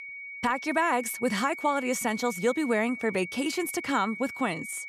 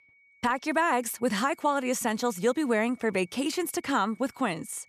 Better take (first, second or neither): second